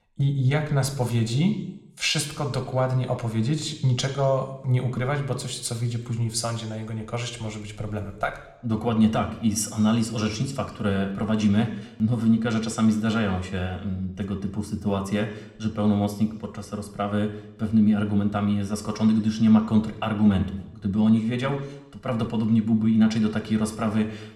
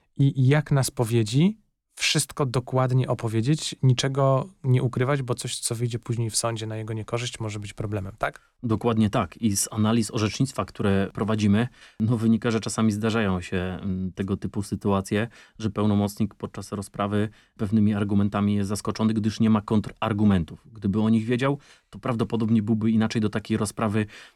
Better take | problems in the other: second | room echo; very slight; dies away in 0.8 s

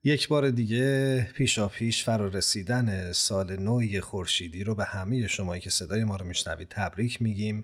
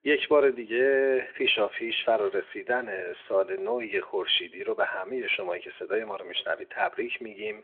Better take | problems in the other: first | phone-call audio; nothing above 3.5 kHz

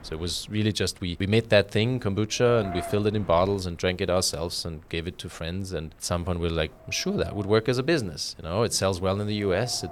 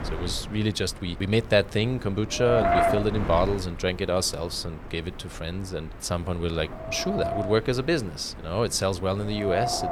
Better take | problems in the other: first | wind noise on the microphone; heavy; as loud as the speech; occasional gusts in the first

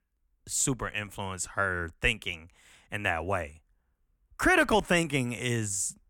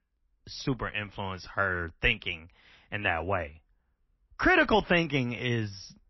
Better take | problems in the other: first | garbled, watery; slightly; nothing above 5.5 kHz

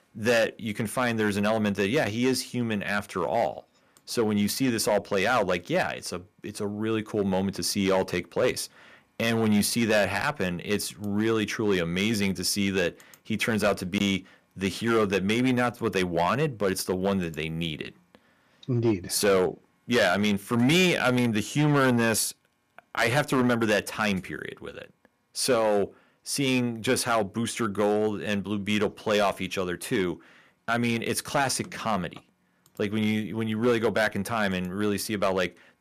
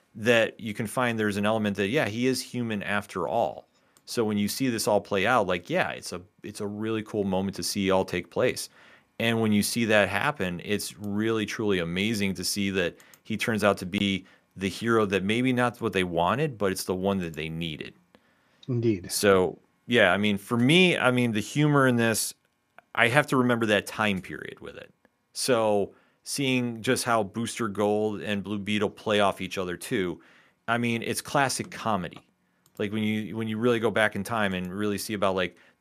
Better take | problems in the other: second | distortion; slight; 4% of the sound clipped

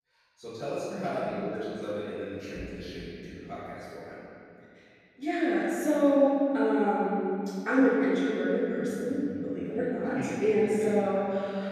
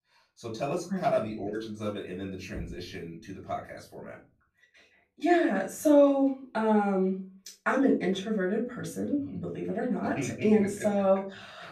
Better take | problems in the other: second | room echo; strong; dies away in 2.4 s; slight in the second // off-mic speech; far; far in the second

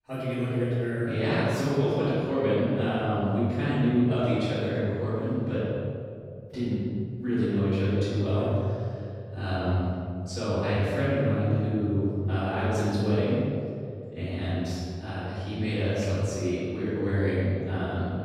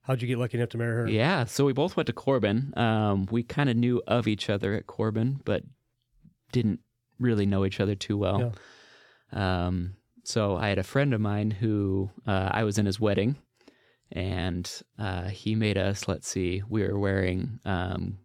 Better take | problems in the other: second | room echo; strong; dies away in 2.6 s // off-mic speech; far

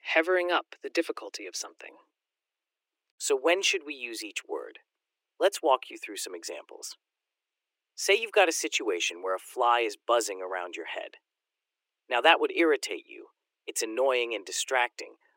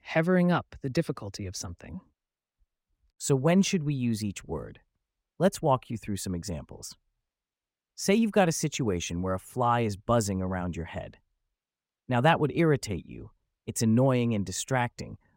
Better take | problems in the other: second | thin; very; fading below 300 Hz

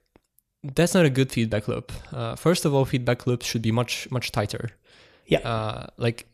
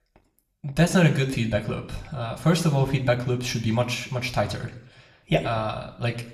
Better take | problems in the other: first | room echo; very slight; dies away in 0.7 s

